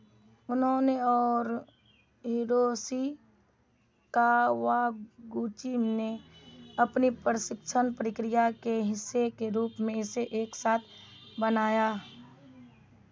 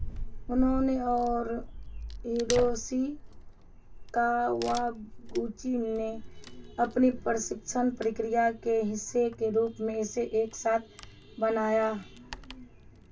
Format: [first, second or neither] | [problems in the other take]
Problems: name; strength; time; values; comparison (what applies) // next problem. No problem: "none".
first | background sound (Tearing / Wood); 10 dB below the speech // room echo; dies away in 0.2 s